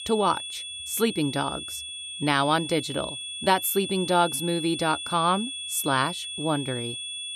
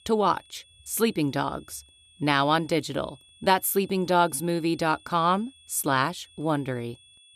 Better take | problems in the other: second | high-pitched whine; loud; throughout; 3.5 kHz, 7 dB below the speech; faint in the second

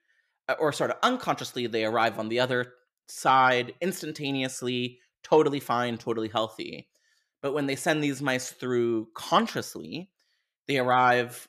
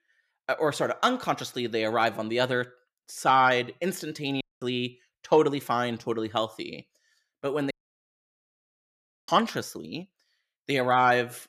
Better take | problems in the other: first | audio cutting out; at 4.5 s and at 7.5 s for 1.5 s

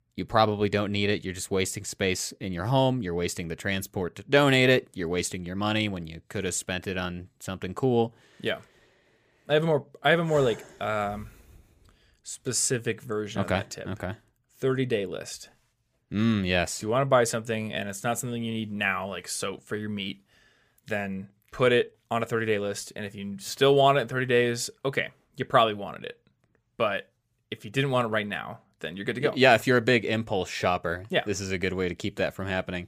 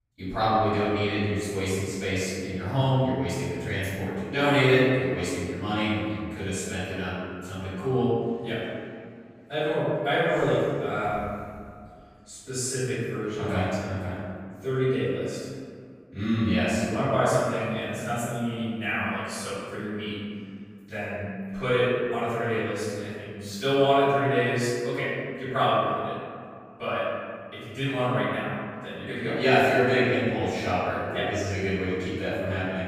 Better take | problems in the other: first | off-mic speech; far // room echo; strong; dies away in 1.9 s

